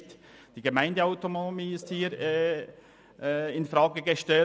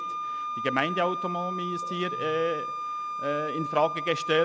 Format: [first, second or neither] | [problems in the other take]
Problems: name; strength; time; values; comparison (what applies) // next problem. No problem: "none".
first | background sound (Wind instrument, woodwind instrument); 3 dB below the speech